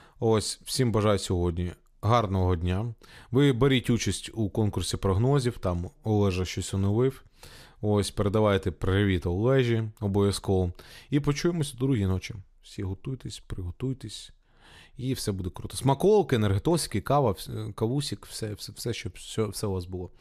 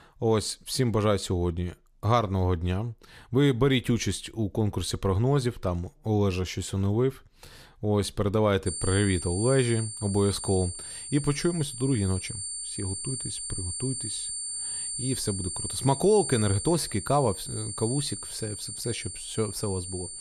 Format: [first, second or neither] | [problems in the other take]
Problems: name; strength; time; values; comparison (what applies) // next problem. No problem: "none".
first | high-pitched whine; loud; from 8.5 s on; 9 kHz, 6 dB below the speech